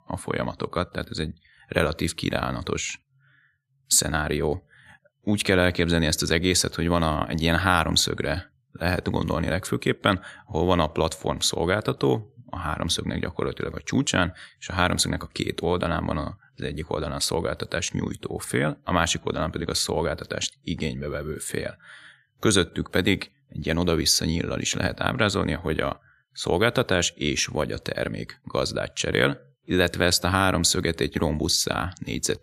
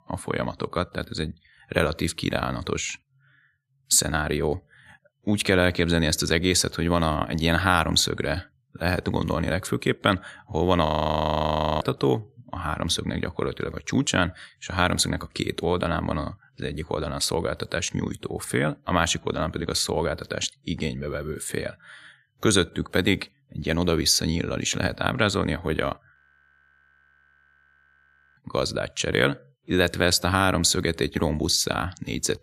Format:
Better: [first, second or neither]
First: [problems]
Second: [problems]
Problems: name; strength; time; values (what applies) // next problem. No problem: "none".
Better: first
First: none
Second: audio freezing; at 11 s for 1 s and at 26 s for 2 s